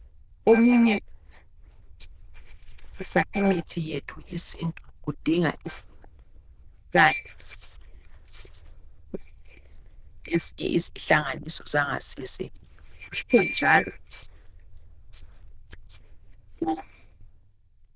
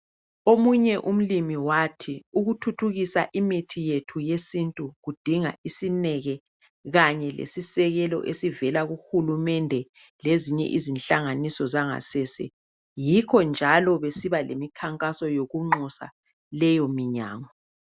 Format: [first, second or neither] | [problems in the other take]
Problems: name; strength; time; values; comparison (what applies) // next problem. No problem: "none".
second | noise reduction (neural diffusion model UNIVERSE++)